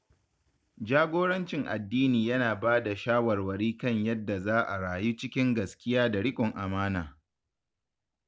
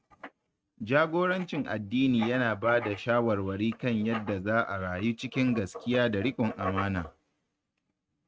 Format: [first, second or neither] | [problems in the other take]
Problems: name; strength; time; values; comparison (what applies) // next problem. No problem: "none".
first | noise reduction (neural mask model RNNoise)